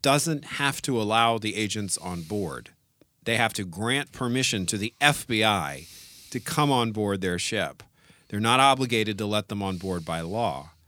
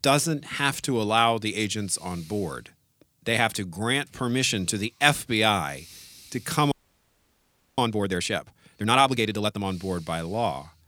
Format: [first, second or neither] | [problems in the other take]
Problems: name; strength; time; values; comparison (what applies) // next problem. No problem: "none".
first | audio freezing; at 6.5 s for 1 s